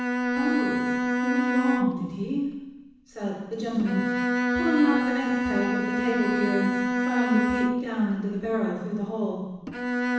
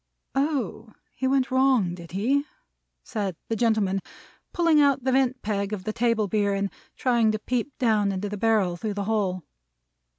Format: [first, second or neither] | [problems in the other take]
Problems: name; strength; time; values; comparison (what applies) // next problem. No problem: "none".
second | background sound (Bowed string instrument); 1 dB above the speech // room echo; dies away in 1.1 s